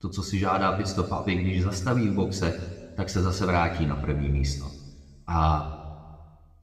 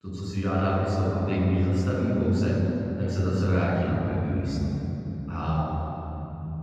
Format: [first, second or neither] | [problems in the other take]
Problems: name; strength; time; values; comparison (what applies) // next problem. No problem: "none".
first | room echo; strong; dies away in 3 s; slight in the first // off-mic speech; far